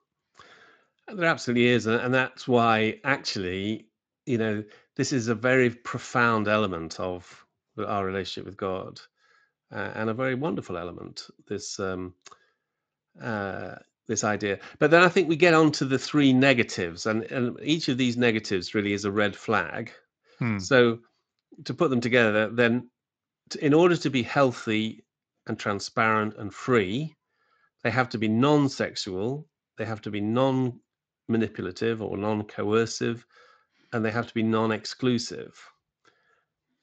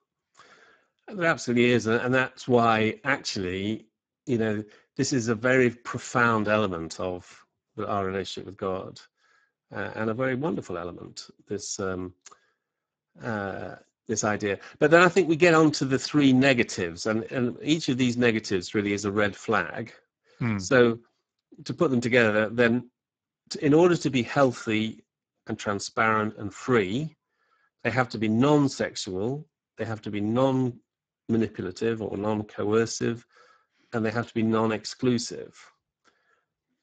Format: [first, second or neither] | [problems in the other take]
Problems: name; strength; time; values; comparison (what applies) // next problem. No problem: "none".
first | garbled, watery; badly; nothing above 7.5 kHz; slightly in the first